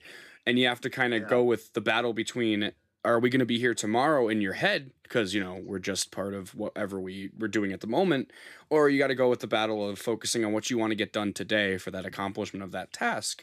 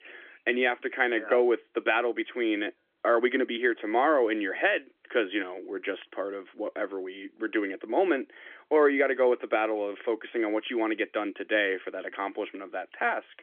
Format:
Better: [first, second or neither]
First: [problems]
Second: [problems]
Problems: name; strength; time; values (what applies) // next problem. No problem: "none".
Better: first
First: none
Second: phone-call audio; nothing above 3.5 kHz